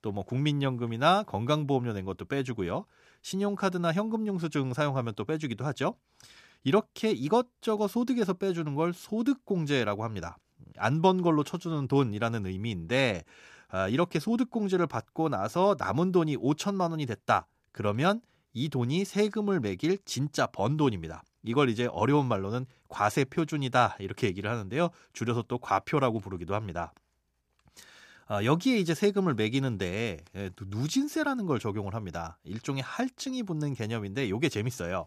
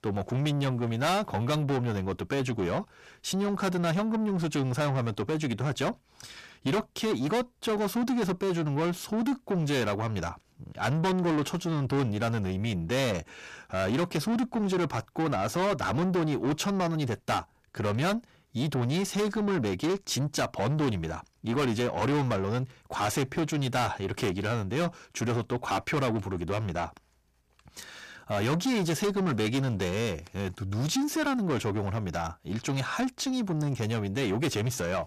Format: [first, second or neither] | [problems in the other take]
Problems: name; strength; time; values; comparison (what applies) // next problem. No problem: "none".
first | distortion; heavy; 6 dB below the speech